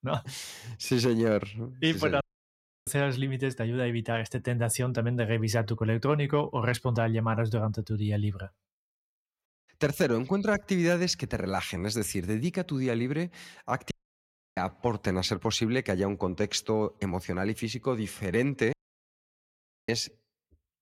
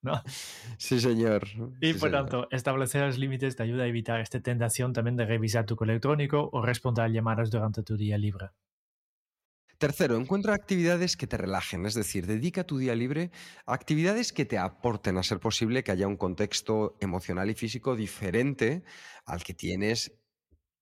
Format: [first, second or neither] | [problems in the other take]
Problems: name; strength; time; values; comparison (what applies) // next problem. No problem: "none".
second | audio cutting out; at 2 s for 0.5 s, at 14 s for 0.5 s and at 19 s for 1 s